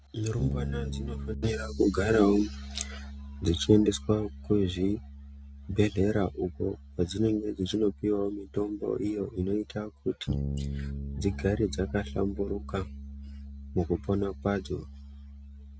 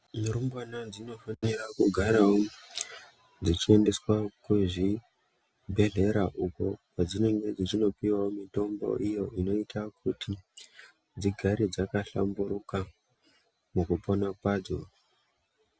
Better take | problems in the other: second | background sound (Bass guitar); 9 dB below the speech

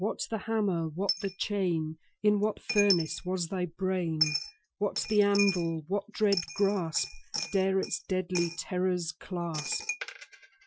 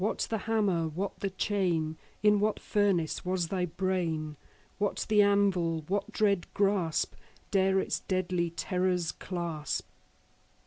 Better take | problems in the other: second | noise reduction (classical method Wiener filter)

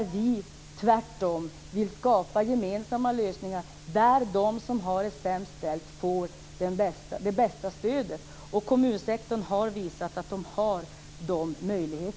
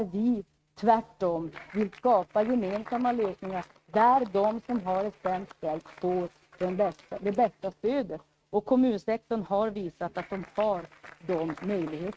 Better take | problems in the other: first | noise reduction (neural mask model RNNoise)

